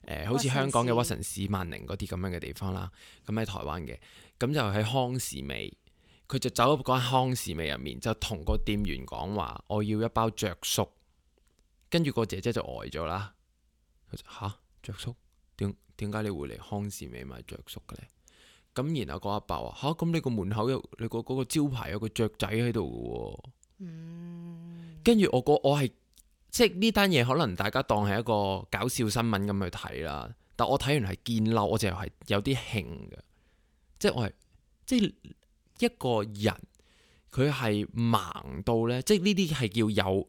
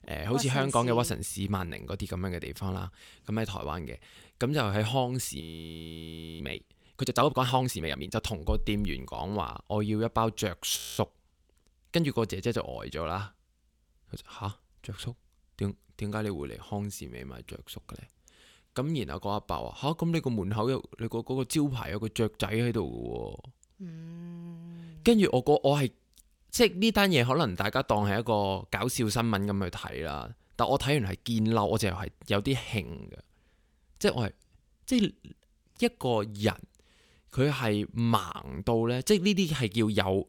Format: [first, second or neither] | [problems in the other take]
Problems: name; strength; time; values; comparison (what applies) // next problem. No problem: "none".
first | audio freezing; at 5.5 s for 1 s and at 11 s